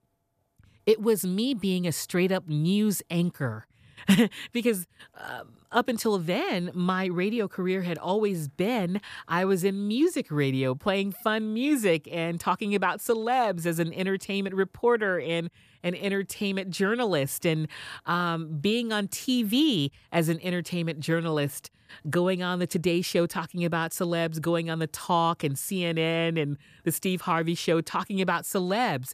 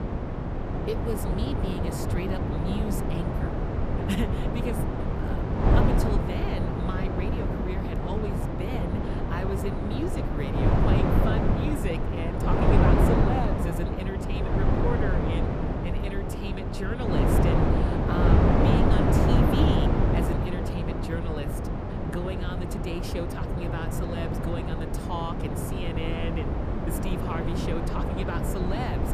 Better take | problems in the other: first | wind noise on the microphone; heavy; 5 dB above the speech

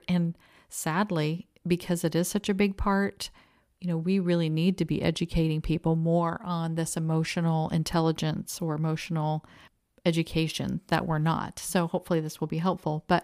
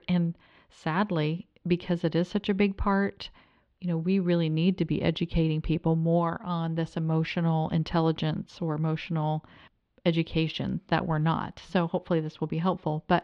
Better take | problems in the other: first | muffled; slightly; fading above 3.5 kHz

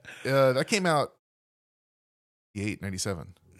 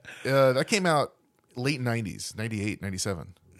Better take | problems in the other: second | audio cutting out; at 1 s for 1.5 s

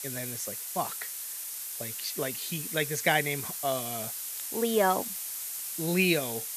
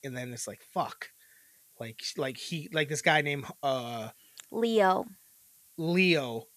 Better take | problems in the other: second | hiss; loud; throughout; 4 dB below the speech; faint in the second

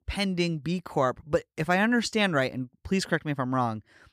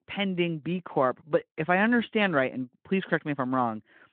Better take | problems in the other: first | phone-call audio

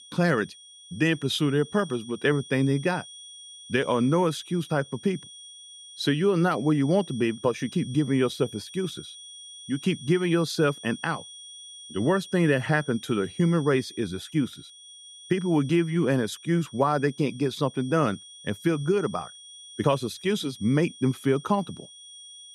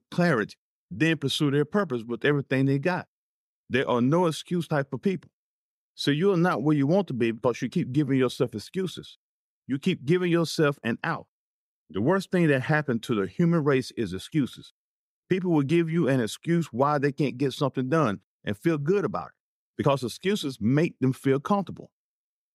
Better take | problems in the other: second | high-pitched whine; noticeable; throughout; 3.5 kHz, 15 dB below the speech

